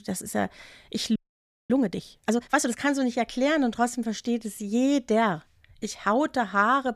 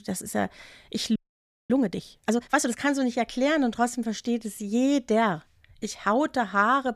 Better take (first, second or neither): neither